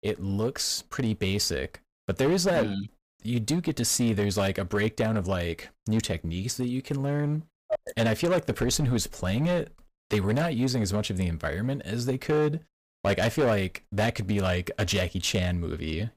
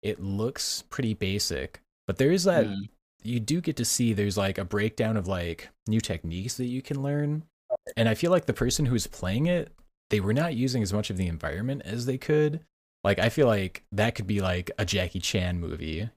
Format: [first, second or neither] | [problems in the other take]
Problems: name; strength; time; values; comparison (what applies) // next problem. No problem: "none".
second | distortion; slight; 7% of the sound clipped